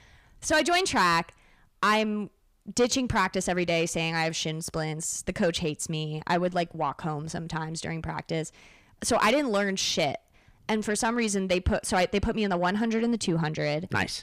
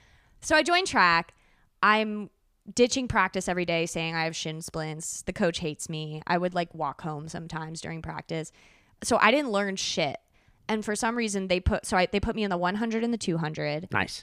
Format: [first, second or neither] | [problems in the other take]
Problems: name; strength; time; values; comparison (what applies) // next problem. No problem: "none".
second | distortion; slight; 10 dB below the speech